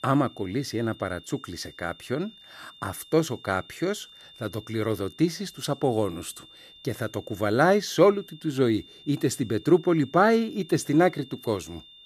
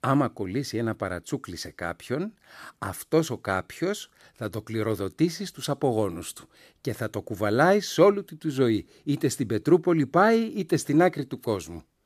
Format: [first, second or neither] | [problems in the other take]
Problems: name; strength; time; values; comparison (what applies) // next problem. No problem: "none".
second | high-pitched whine; faint; throughout; 3.5 kHz, 20 dB below the speech